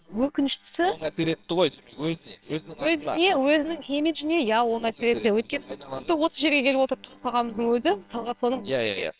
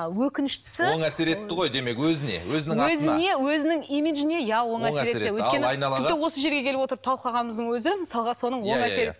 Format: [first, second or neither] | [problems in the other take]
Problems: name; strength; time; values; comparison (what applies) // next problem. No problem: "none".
second | noise reduction (neural separator model SepFormer WHAMR!)